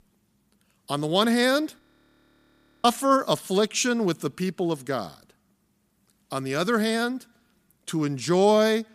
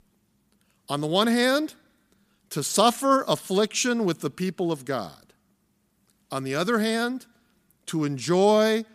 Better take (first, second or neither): second